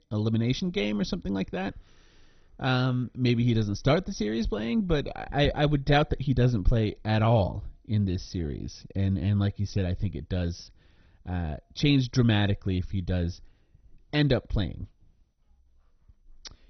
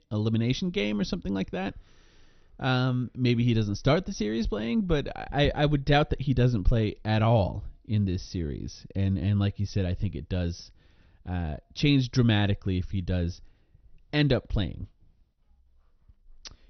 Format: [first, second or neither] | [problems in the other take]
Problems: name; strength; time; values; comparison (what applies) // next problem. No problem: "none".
second | garbled, watery; badly; nothing above 6 kHz; slightly in the second